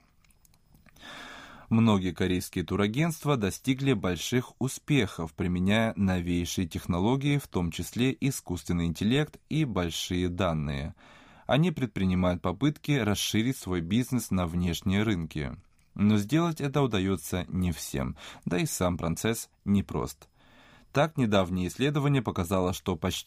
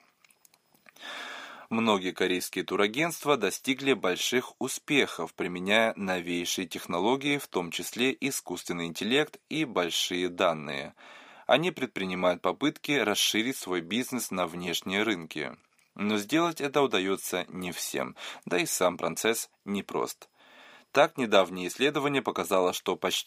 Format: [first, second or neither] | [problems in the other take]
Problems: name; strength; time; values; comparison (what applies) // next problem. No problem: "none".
first | thin; somewhat; fading below 400 Hz